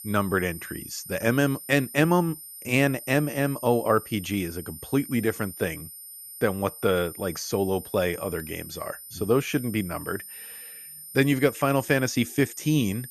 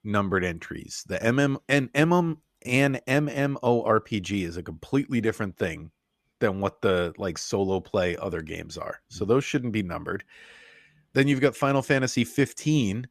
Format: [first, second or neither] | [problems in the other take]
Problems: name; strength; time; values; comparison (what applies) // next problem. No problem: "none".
second | high-pitched whine; noticeable; throughout; 9 kHz, 15 dB below the speech